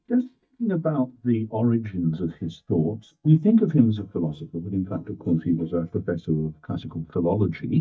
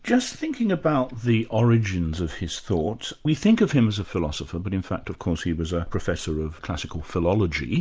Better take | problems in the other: second | noise reduction (neural mask model DeepFilterNet 3)

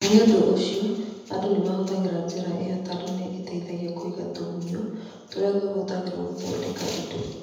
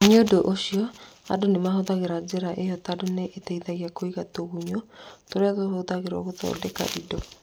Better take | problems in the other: second | room echo; dies away in 1 s

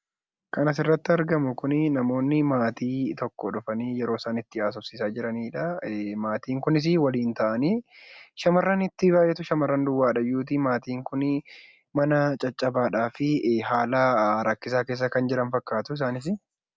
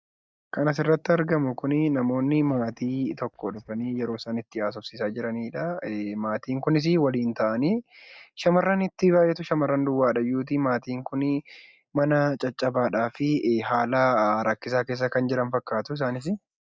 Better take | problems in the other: first | noise reduction (neural mask model DeepFilterNet 3)

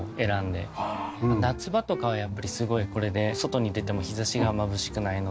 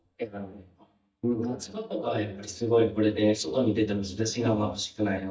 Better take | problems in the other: first | noise reduction (neural mask model DeepFilterNet 3)

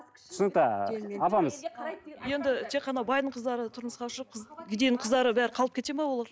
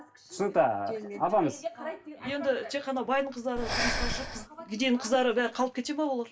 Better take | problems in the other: first | background sound (Breathing); 4 dB below the speech // room echo; dies away in 0.2 s

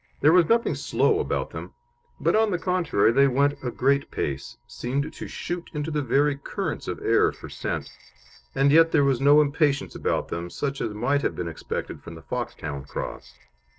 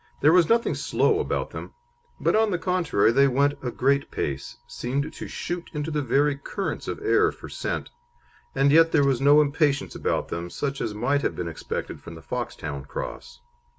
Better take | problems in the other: second | noise reduction (neural separator model SepFormer DNS4)

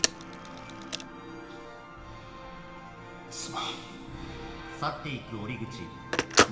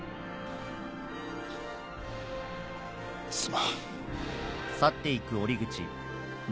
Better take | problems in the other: second | background sound (Telephone); 5 dB above the speech // room echo; dies away in 2.1 s

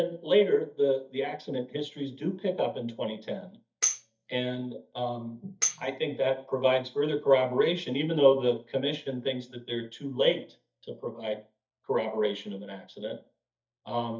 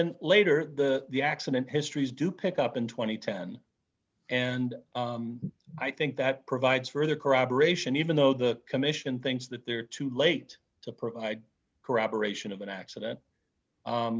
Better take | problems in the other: second | noise reduction (neural mask model DeepFilterNet 3)

